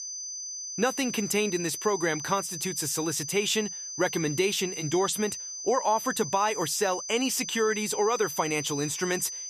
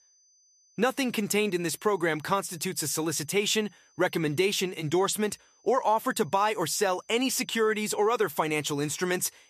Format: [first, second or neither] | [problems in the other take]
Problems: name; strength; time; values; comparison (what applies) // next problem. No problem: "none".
second | high-pitched whine; loud; throughout; 6 kHz, 7 dB below the speech; faint in the second